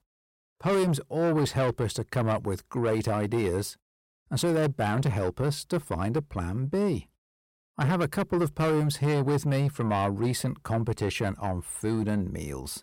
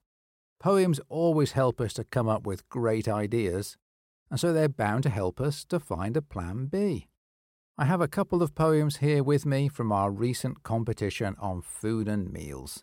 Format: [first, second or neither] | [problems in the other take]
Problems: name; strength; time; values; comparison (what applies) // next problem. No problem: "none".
second | distortion; slight; 10 dB below the speech